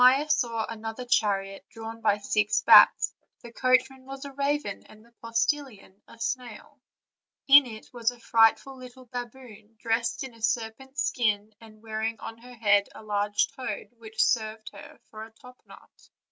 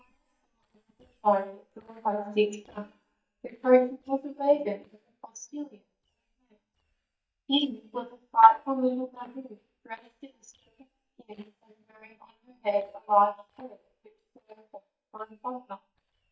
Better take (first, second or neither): first